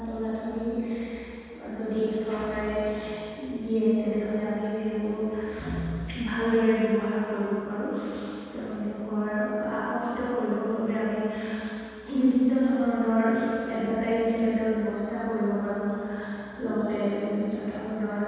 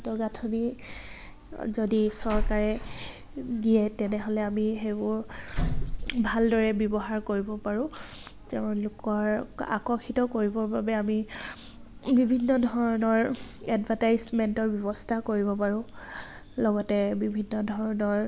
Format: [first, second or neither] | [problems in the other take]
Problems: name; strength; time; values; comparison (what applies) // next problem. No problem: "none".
second | room echo; dies away in 2.1 s